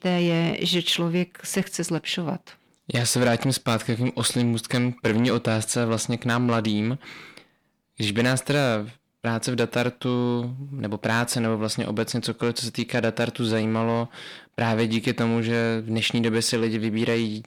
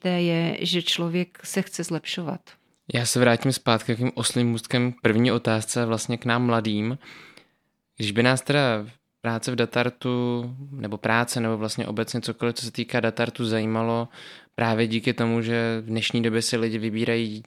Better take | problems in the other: second | distortion; slight; 10 dB below the speech

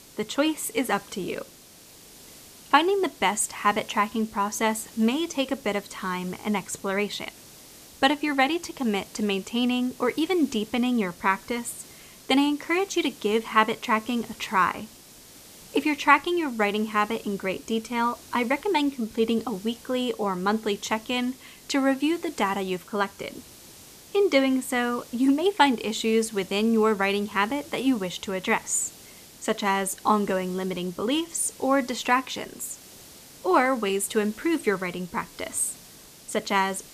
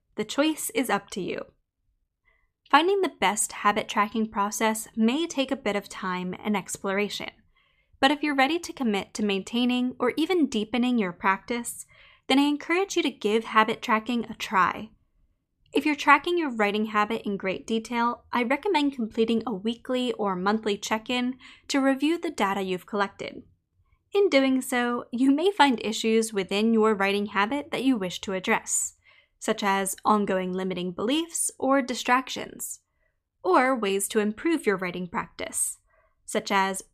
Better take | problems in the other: second | hiss; faint; throughout; 20 dB below the speech

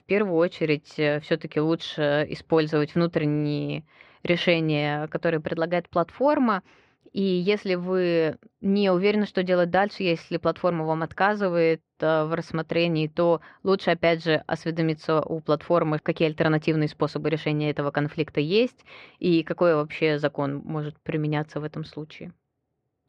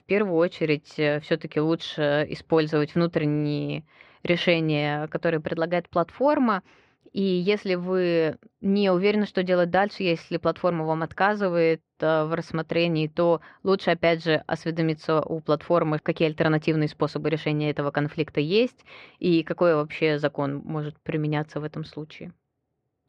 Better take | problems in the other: neither | muffled; very slightly; fading above 3 kHz; the same in both

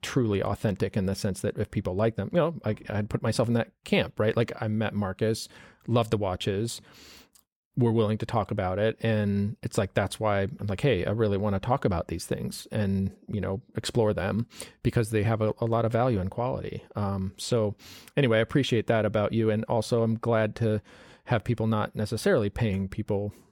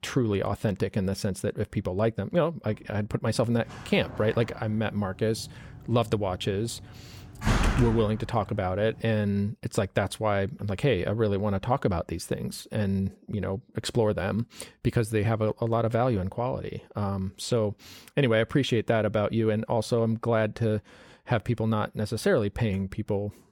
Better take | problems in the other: first | door banging; loud; from 4 to 8.5 s; peak 2 dB above the speech

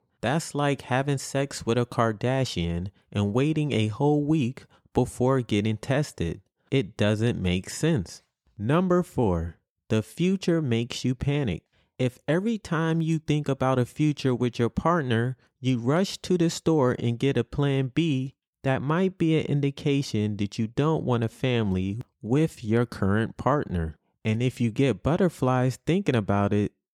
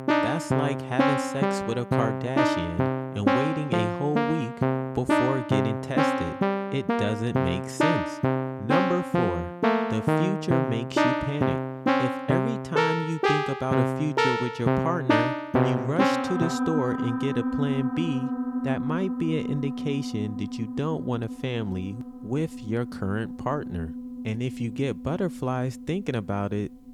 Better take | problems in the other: first | background music; very loud; throughout; 4 dB above the speech

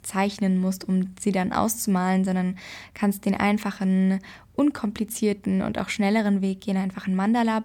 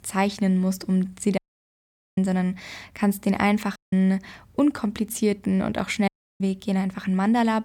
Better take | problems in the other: first | audio cutting out; at 1.5 s for 1 s, at 4 s and at 6 s

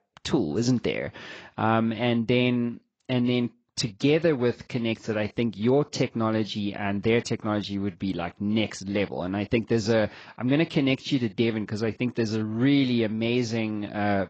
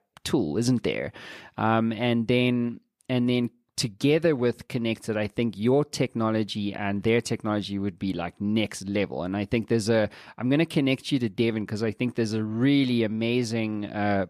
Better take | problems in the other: second | garbled, watery; badly; nothing above 8 kHz

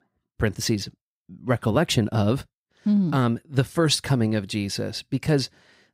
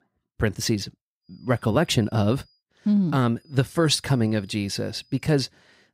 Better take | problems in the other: first | high-pitched whine; faint; from 1.5 to 2.5 s and from 3.5 to 5 s; 5 kHz, 35 dB below the speech

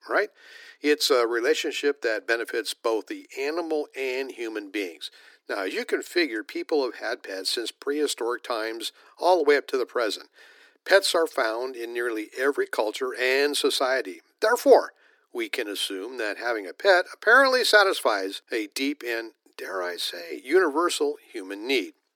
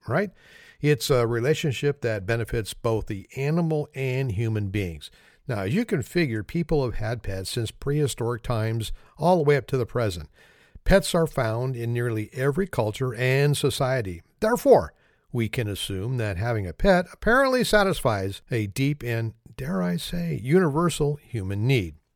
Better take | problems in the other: second | thin; somewhat; fading below 300 Hz

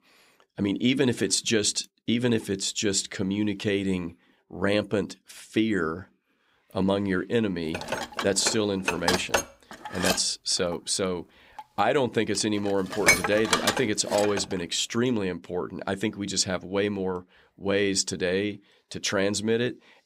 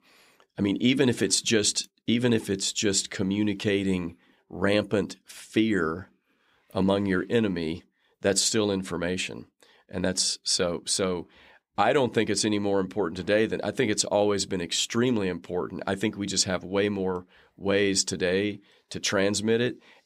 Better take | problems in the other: second | clattering dishes; loud; from 7.5 to 14 s; peak 6 dB above the speech

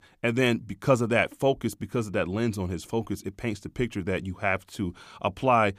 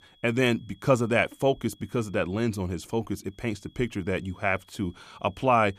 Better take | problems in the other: first | high-pitched whine; faint; until 2.5 s and from 3.5 s on; 3.5 kHz, 30 dB below the speech

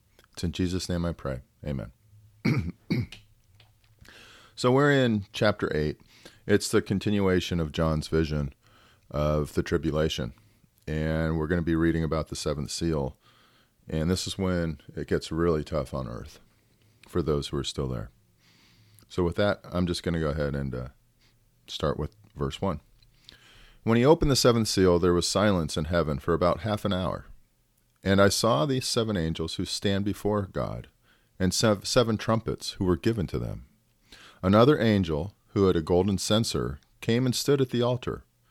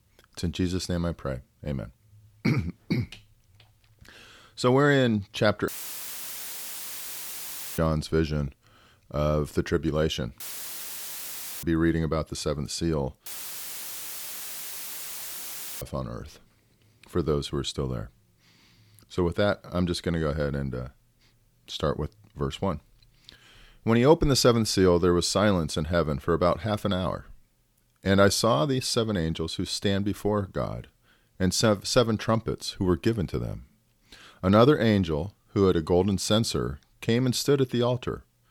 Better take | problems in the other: first | audio cutting out; filled with static; at 5.5 s for 2 s, at 10 s for 1 s and at 13 s for 2.5 s

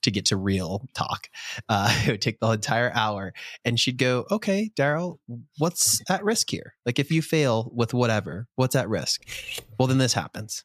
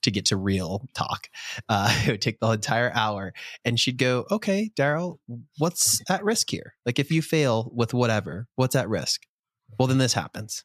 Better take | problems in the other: second | clattering dishes; noticeable; at 9.5 s; peak 8 dB below the speech

